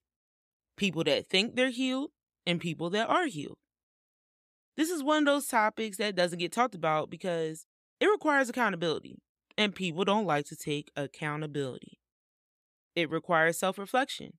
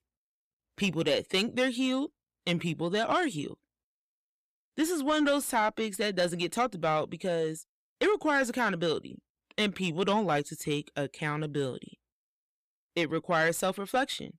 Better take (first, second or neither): first